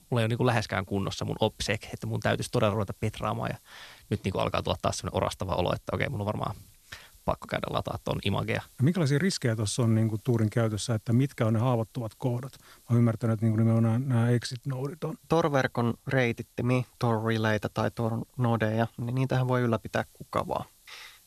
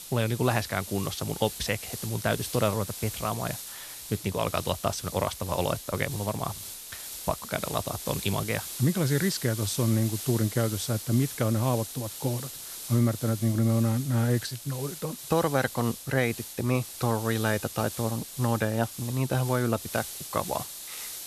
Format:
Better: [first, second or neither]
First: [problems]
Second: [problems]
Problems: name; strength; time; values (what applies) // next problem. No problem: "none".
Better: first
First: hiss; faint; throughout; 30 dB below the speech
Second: hiss; loud; throughout; 9 dB below the speech